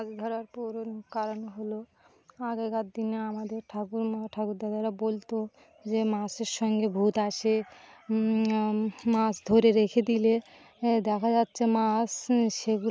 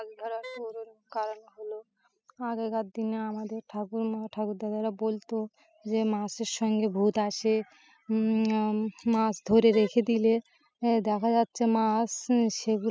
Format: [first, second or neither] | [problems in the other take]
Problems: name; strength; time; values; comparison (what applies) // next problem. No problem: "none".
first | noise reduction (classical method spectral subtraction)